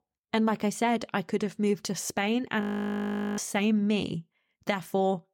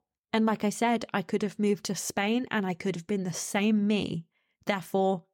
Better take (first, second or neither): second